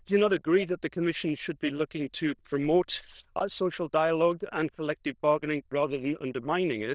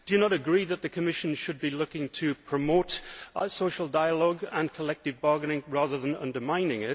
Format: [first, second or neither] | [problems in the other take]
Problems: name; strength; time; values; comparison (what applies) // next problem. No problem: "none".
second | noise reduction (neural diffusion model UNIVERSE++)